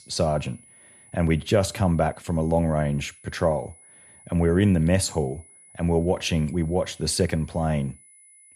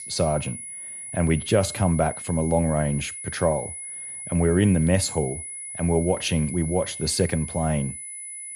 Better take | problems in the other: first | high-pitched whine; loud; throughout; 10 kHz, 9 dB below the speech; faint in the first

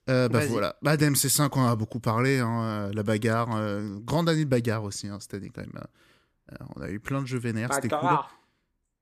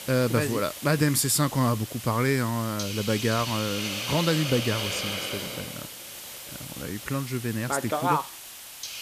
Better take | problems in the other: first | hiss; loud; throughout; 7 dB below the speech

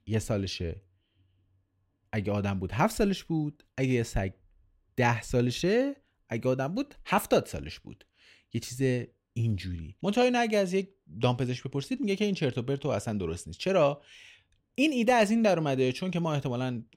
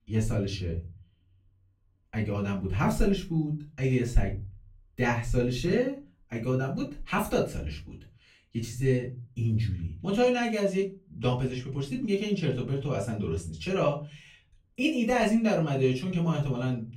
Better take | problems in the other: first | off-mic speech; far // room echo; slight; dies away in 0.4 s

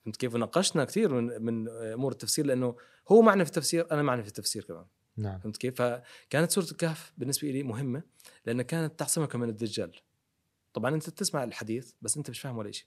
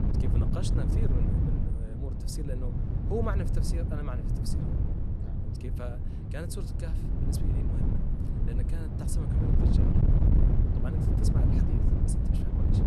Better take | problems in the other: first | wind noise on the microphone; heavy; 2 dB above the speech

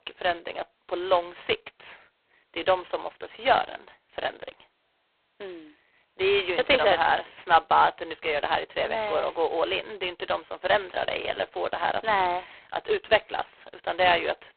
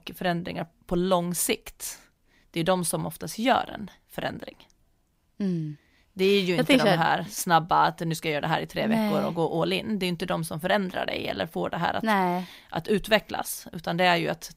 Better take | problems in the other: second | phone-call audio; poor line; nothing above 4 kHz

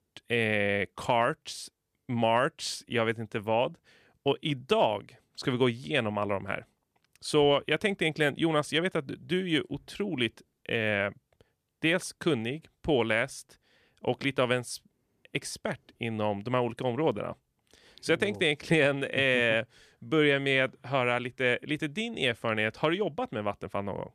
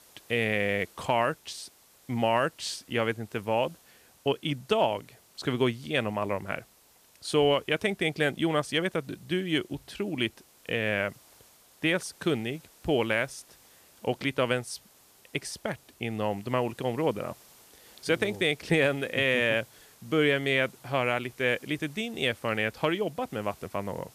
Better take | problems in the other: first | hiss; faint; throughout; 25 dB below the speech

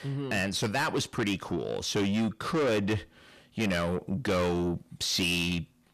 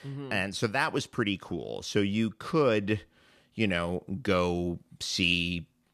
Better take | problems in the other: second | distortion; heavy; 6 dB below the speech

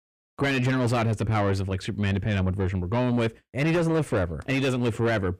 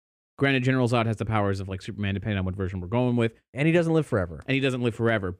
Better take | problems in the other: second | distortion; heavy; 6 dB below the speech

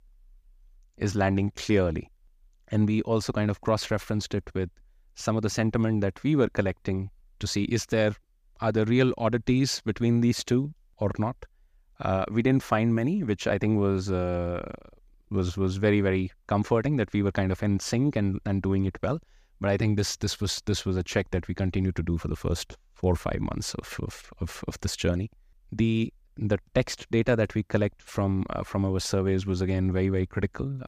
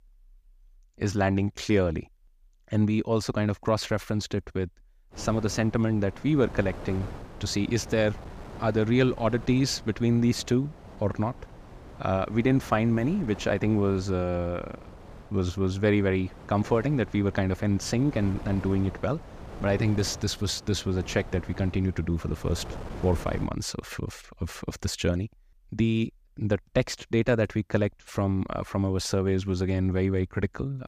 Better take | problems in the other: first | wind noise on the microphone; occasional gusts; from 5 to 23 s; 15 dB below the speech

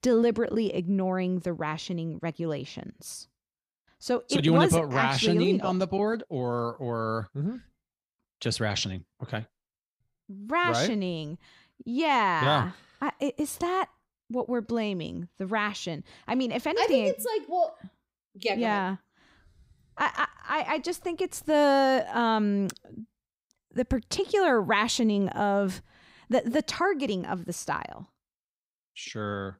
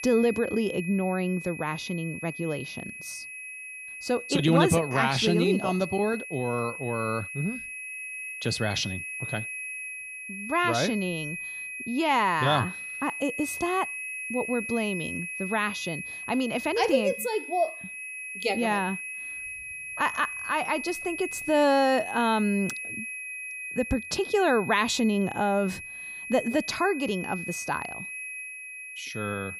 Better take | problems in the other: first | high-pitched whine; loud; throughout; 2.5 kHz, 8 dB below the speech

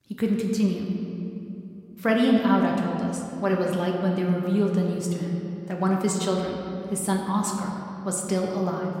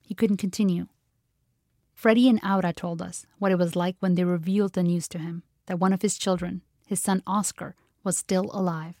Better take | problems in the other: second | room echo; noticeable; dies away in 2.4 s // off-mic speech; somewhat distant

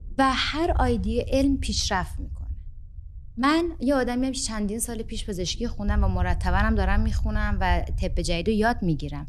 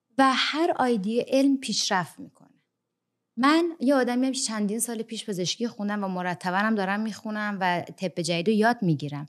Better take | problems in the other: second | low rumble; faint; throughout; 25 dB below the speech

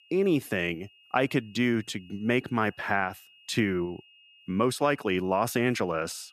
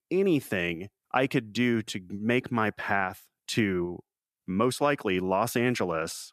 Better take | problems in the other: second | high-pitched whine; faint; throughout; 3 kHz, 25 dB below the speech

